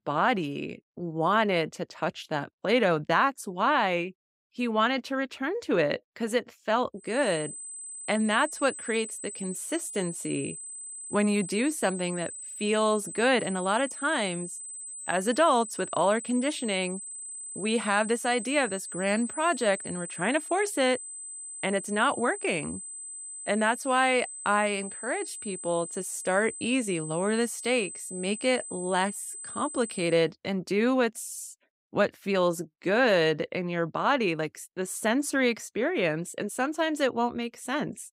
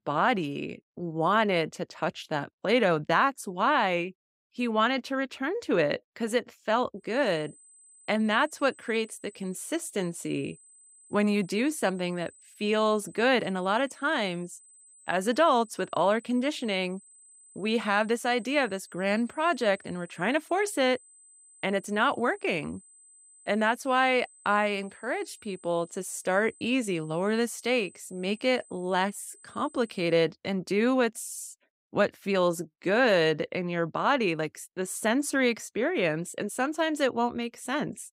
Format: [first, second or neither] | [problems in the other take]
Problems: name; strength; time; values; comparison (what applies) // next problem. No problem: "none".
second | high-pitched whine; loud; from 7 to 30 s; 8 kHz, 10 dB below the speech; faint in the second